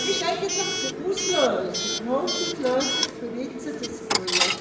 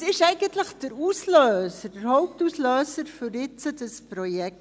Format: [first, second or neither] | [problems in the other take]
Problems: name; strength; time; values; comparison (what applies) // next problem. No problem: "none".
second | background sound (Coin (dropping) / Alarm); as loud as the speech // room echo; dies away in 0.7 s